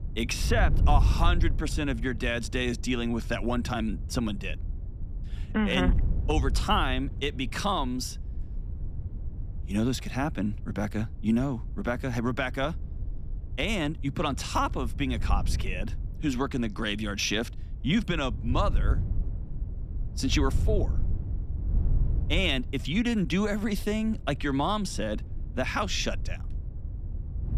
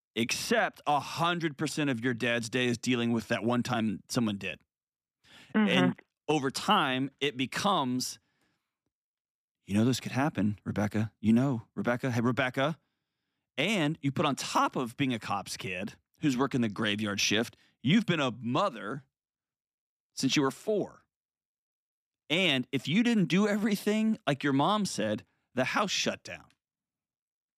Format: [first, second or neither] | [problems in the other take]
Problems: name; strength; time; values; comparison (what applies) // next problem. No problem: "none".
second | wind noise on the microphone; occasional gusts; 20 dB below the speech